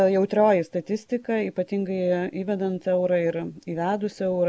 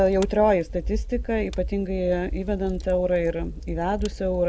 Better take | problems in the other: first | background sound (Fire); 8 dB below the speech

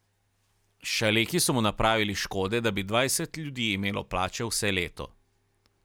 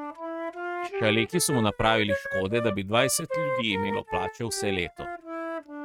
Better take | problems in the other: first | noise reduction (neural mask model RNNoise)

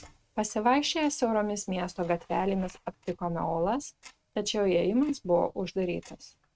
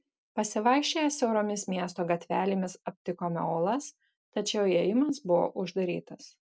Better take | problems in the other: second | noise reduction (neural mask model RNNoise)

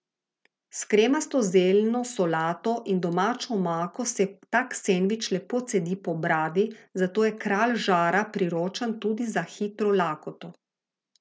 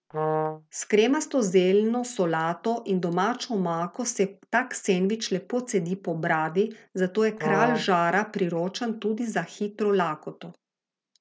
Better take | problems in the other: first | background sound (Brass instrument); 2 dB below the speech

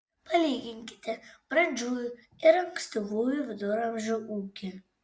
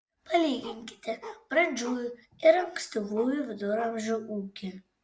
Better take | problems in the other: first | background sound (Bark); 17 dB below the speech

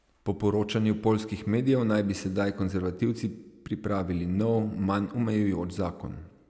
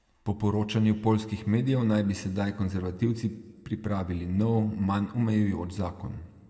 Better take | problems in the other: first | room echo; dies away in 1.5 s

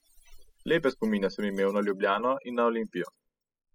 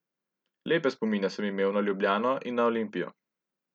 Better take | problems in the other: second | noise reduction (classical method spectral subtraction)

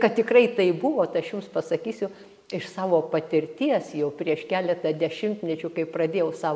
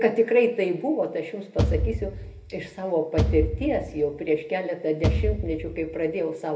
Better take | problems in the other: first | background sound (Bass drum / Thump, thud); 2 dB below the speech // room echo; dies away in 0.3 s

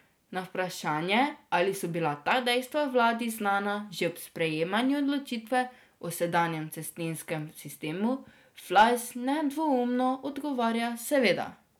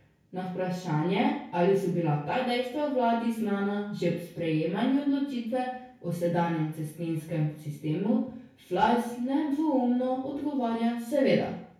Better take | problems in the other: first | room echo; dies away in 0.5 s

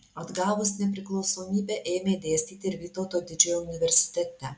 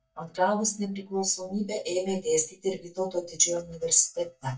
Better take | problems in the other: first | noise reduction (neural mask model DeepFilterNet 3)

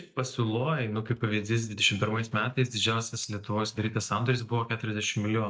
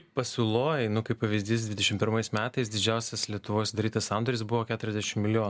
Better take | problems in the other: second | noise reduction (neural mask model DeepFilterNet 3)

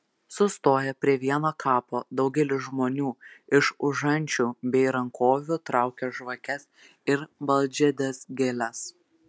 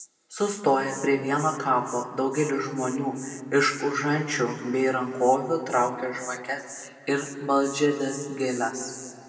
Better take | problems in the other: first | background sound (Insect); 19 dB below the speech // room echo; dies away in 2.1 s

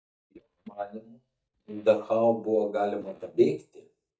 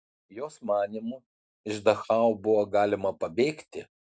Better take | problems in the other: second | noise reduction (neural mask model DeepFilterNet 3)

